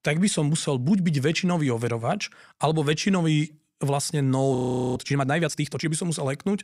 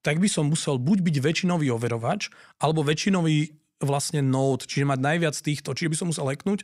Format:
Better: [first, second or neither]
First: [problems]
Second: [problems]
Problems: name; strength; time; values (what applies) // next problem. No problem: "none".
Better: second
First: audio freezing; at 4.5 s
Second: none